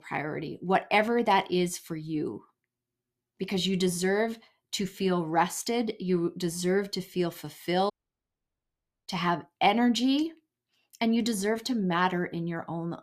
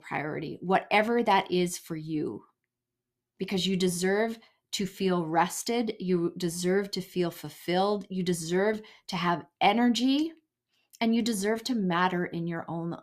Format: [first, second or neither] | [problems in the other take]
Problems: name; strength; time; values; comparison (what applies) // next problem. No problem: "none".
second | audio cutting out; at 8 s for 1 s